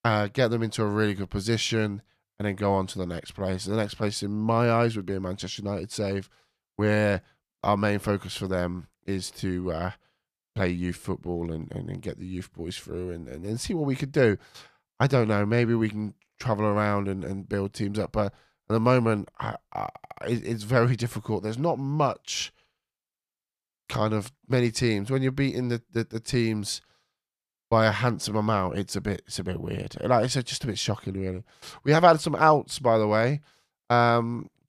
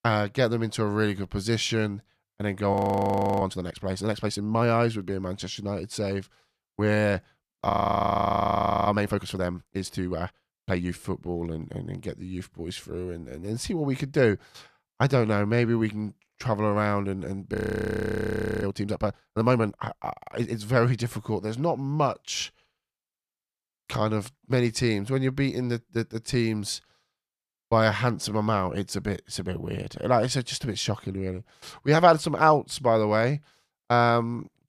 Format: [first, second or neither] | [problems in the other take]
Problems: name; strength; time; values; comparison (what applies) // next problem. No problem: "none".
first | audio freezing; at 2.5 s for 0.5 s, at 7.5 s for 1 s and at 18 s for 1 s